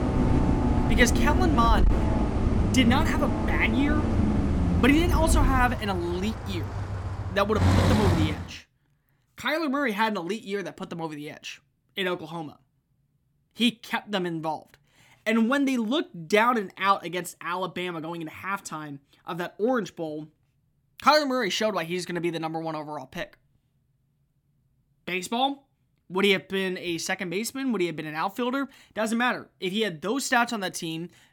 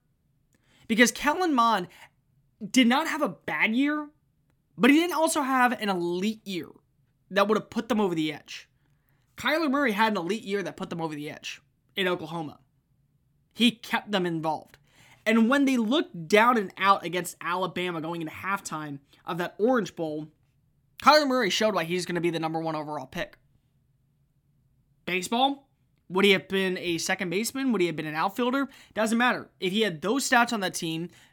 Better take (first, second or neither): second